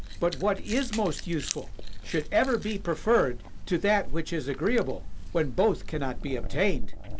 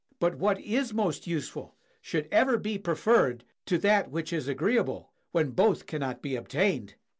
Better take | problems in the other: second | background sound (Chewing, mastication); 3 dB below the speech

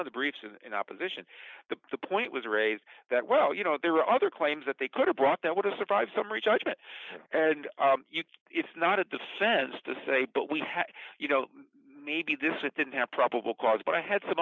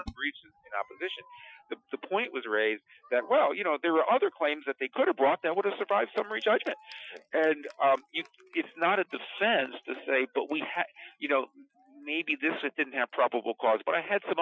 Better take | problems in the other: first | noise reduction (classical method Wiener filter)

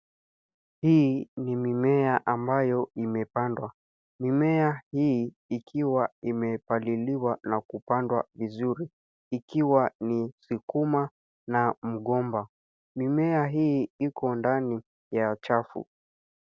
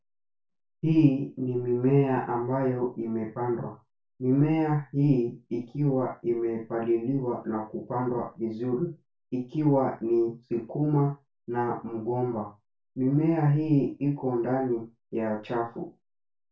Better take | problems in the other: first | room echo; dies away in 0.2 s

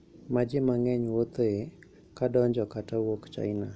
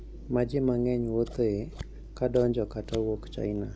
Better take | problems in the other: first | background sound (Scissors); 13 dB below the speech

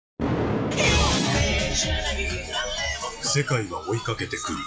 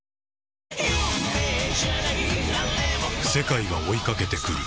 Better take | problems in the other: second | noise reduction (classical method log-MMSE)

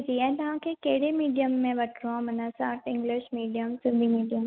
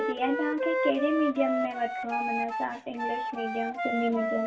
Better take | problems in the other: first | background sound (Wind instrument, woodwind instrument); 1 dB below the speech // room echo; dies away in 0.2 s

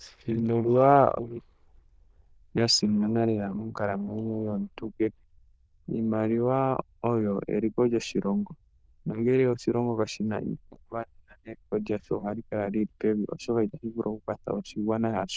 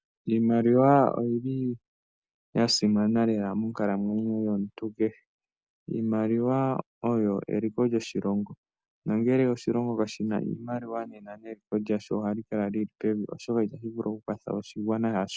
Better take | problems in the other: second | noise reduction (neural diffusion model UNIVERSE++)

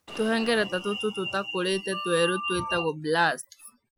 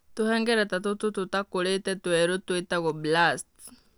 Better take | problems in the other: second | noise reduction (classical method Wiener filter)

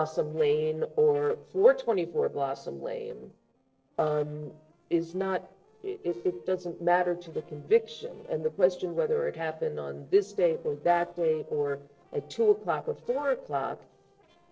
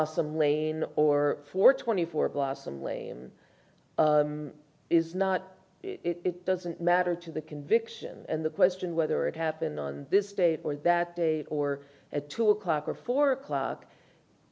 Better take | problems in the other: second | noise reduction (neural separator model SepFormer DNS4)

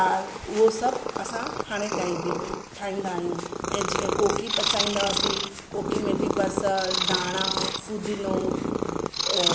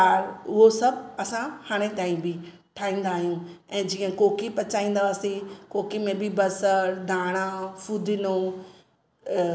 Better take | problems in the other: second | background sound (Purr); as loud as the speech

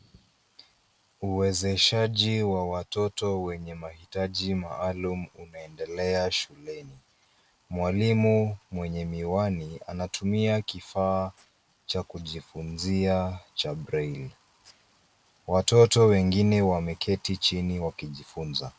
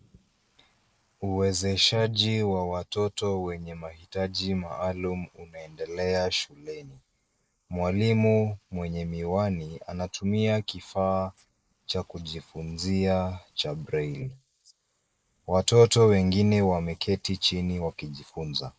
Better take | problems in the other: first | noise reduction (neural mask model Resemble Enhance denoiser)

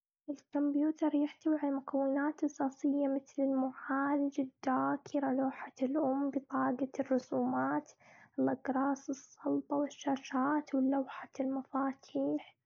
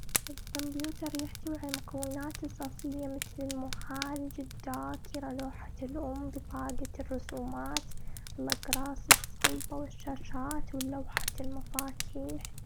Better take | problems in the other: first | background sound (Fire); 4 dB above the speech

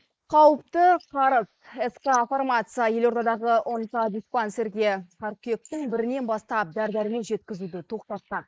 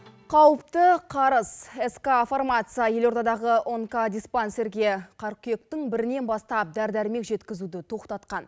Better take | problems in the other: second | noise reduction (neural mask model Resemble Enhance denoiser)

